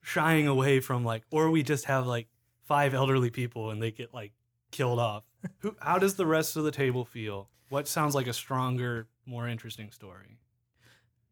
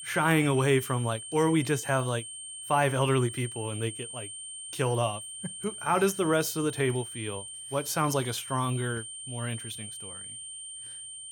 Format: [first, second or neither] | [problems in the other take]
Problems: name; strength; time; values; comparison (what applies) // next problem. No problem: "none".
first | high-pitched whine; loud; throughout; 8.5 kHz, 10 dB below the speech